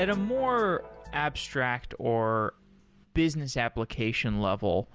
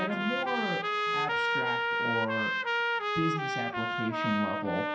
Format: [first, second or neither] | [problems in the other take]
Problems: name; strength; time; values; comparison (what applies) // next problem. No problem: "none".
first | background sound (Trumpet); 4 dB above the speech // room echo; dies away in 0.5 s